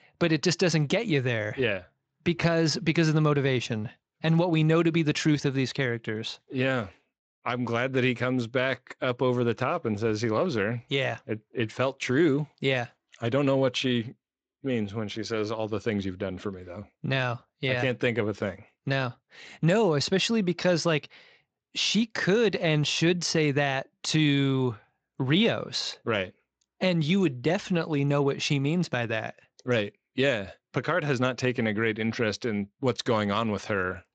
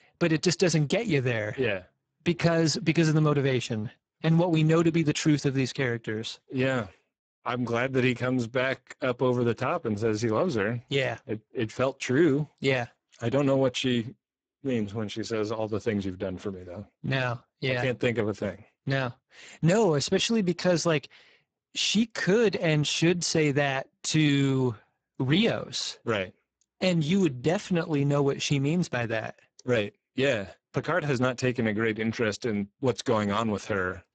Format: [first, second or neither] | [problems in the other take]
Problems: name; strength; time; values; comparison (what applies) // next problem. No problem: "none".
first | garbled, watery; badly; nothing above 7.5 kHz; slightly in the first